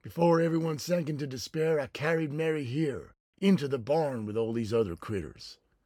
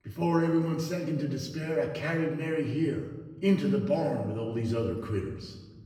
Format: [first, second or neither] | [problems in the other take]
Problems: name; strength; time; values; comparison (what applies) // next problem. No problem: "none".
first | off-mic speech; far // room echo; slight; dies away in 1.1 s